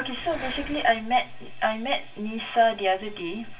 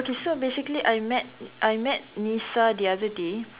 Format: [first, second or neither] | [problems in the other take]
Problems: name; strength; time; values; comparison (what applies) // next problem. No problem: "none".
second | background sound (Breathing); 15 dB below the speech // room echo; dies away in 0.2 s